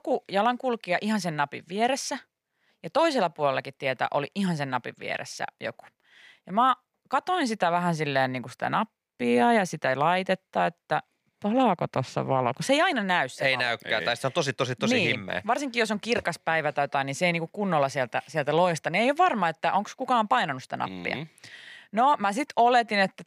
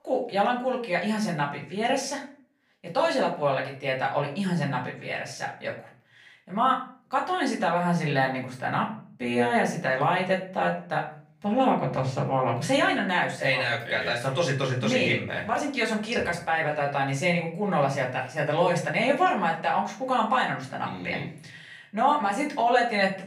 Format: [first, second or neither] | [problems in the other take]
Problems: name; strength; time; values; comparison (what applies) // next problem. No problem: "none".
first | off-mic speech; far // room echo; slight; dies away in 0.4 s